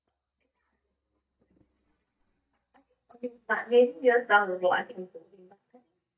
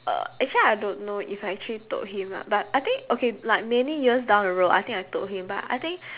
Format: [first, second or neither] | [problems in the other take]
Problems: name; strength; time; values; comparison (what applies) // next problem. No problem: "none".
second | noise reduction (neural mask model DeepFilterNet 3)